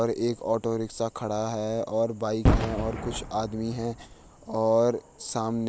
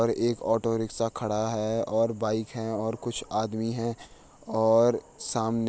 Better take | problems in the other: second | background sound (Boom); 3 dB below the speech

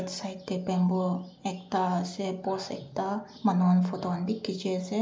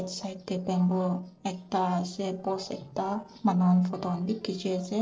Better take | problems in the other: first | noise reduction (neural separator model SepFormer DNS4)

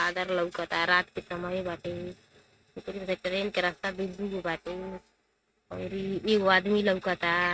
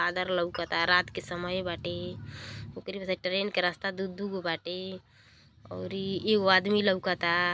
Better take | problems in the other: second | noise reduction (neural mask model RNNoise)

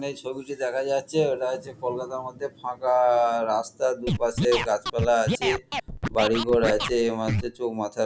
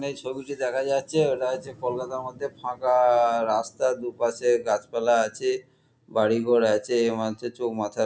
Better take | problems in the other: second | background sound (Scratching (performance technique)); 4 dB below the speech

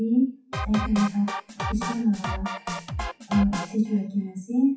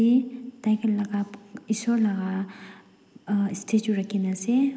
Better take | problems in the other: second | noise reduction (classical method WPE with log-MMSE)

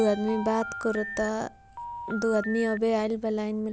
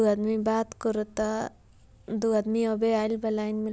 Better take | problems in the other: second | background sound (Keyboard (musical) + Telephone); 11 dB below the speech

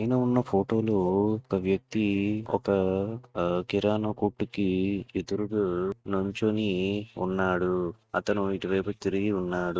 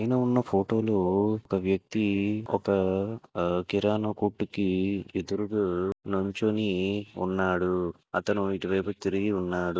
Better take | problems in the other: second | noise reduction (neural mask model RNNoise)

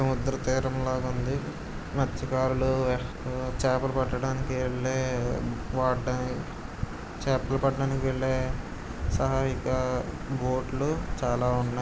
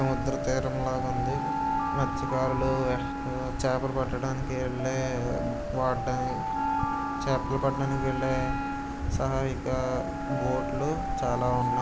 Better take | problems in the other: first | background sound (Wind instrument, woodwind instrument + Alarm); 3 dB below the speech

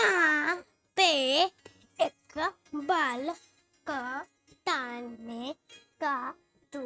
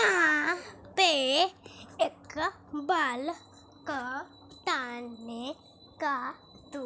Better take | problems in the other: second | noise reduction (neural mask model RNNoise)

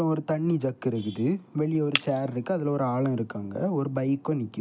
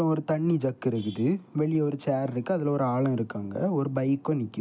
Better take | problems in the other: second | background sound (Shatter); 12 dB below the speech

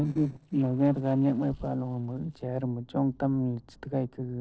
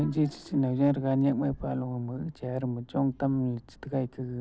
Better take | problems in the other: second | noise reduction (neural separator model SepFormer DNS4)

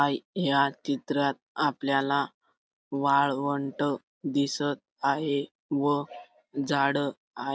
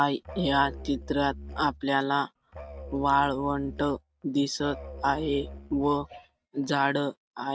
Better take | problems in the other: first | noise reduction (neural mask model RNNoise)

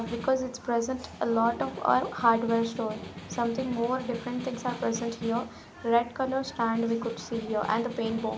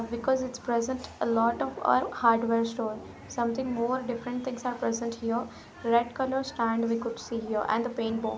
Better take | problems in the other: second | background sound (Snare drum); 15 dB below the speech

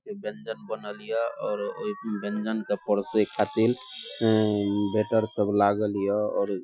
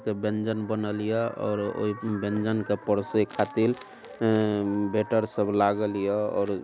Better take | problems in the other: second | noise reduction (classical method Wiener filter)

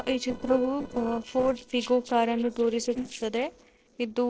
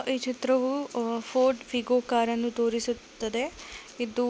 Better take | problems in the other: second | noise reduction (neural separator model SepFormer DNS4)

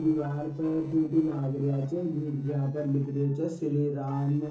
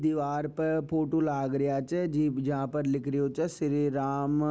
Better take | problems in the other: second | noise reduction (neural separator model SepFormer DNS4)

